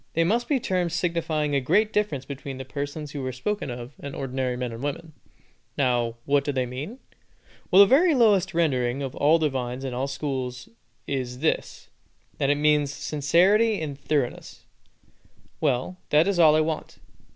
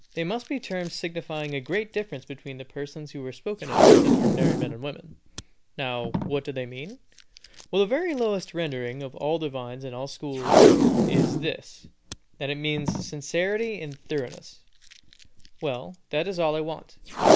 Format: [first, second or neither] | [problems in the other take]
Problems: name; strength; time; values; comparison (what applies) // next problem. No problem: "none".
first | background sound (Packing tape, duct tape); 5 dB above the speech